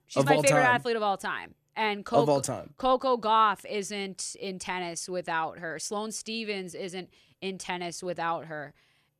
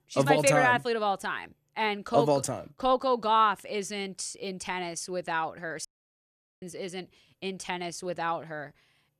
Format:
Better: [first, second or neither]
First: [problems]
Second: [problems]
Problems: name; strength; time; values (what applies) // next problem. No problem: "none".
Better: first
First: none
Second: audio cutting out; at 6 s for 1 s